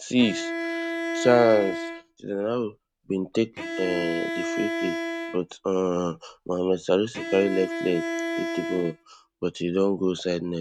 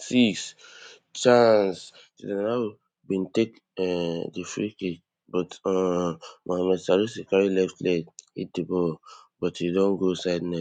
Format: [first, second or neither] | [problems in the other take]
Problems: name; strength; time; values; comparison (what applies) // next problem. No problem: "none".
second | noise reduction (neural mask model RNNoise)